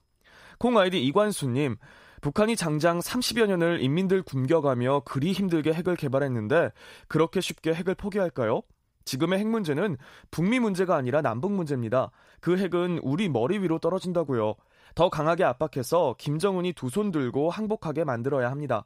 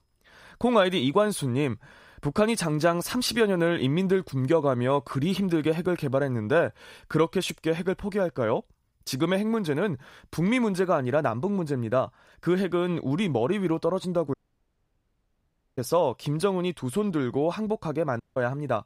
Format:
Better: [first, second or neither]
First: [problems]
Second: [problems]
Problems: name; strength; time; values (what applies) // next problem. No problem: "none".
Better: first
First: none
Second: audio cutting out; at 14 s for 1.5 s and at 18 s